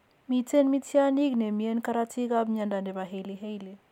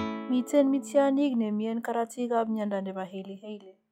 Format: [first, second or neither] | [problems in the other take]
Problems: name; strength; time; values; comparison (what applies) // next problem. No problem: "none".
first | noise reduction (classical method log-MMSE)